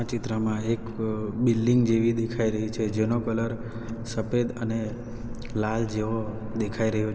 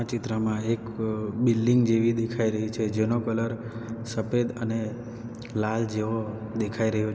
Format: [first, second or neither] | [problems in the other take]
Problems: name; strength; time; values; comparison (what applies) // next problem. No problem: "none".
second | background sound (Clock); 12 dB below the speech